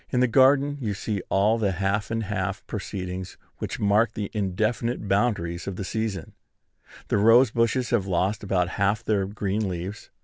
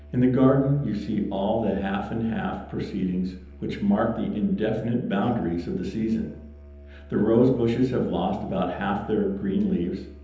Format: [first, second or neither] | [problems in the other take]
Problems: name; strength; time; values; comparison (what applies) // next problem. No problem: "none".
first | background sound (Musical instrument); 19 dB below the speech // room echo; dies away in 0.9 s